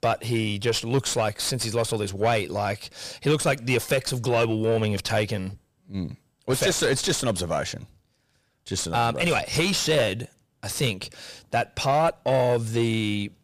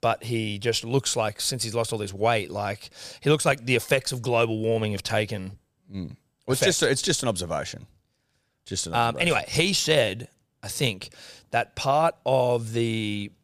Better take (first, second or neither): second